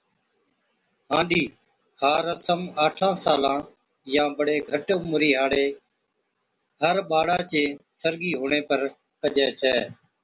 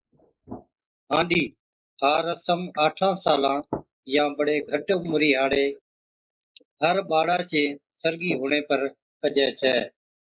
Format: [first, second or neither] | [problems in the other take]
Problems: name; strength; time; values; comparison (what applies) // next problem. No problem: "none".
first | noise reduction (neural mask model Resemble Enhance denoiser)